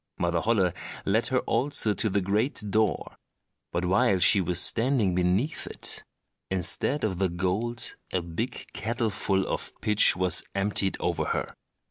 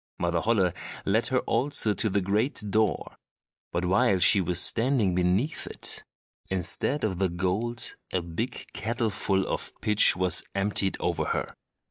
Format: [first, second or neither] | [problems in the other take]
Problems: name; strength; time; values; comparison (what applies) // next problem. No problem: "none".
first | noise reduction (neural mask model DeepFilterNet 3)